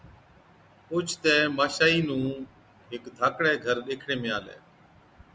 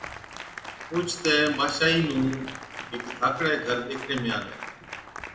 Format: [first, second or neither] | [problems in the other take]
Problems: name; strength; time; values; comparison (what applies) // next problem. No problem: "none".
first | background sound (Applause); 12 dB below the speech // room echo; dies away in 0.7 s